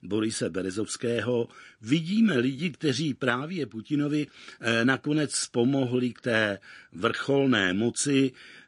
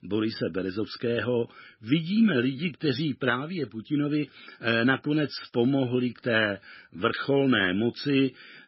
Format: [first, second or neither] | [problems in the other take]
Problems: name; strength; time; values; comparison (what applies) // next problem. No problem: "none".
first | garbled, watery; badly; nothing above 5.5 kHz; slightly in the first